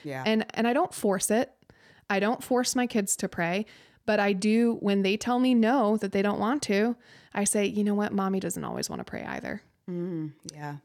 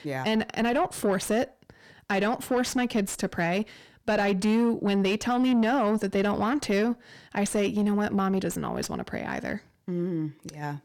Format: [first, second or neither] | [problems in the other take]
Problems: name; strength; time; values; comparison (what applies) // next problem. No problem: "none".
first | distortion; slight; 10 dB below the speech